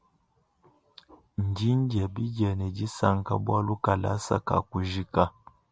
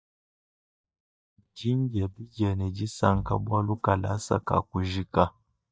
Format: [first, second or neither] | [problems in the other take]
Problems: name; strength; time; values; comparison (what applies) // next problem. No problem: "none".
first | noise reduction (neural mask model DeepFilterNet 3)